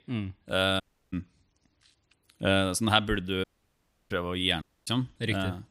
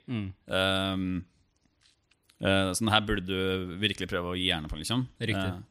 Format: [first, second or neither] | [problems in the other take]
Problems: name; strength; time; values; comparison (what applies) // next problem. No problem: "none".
second | audio cutting out; at 1 s, at 3.5 s for 0.5 s and at 4.5 s